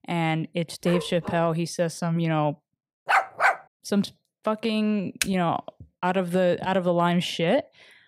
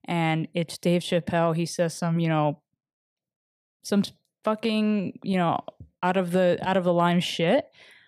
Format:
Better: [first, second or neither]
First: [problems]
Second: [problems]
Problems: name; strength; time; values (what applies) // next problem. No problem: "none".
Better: second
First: dog barking; noticeable; at 1 s; peak 9 dB below the speech // dog barking; loud; at 3 s; peak 5 dB above the speech // keyboard typing; very faint; at 5 s; peak 4 dB below the speech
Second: none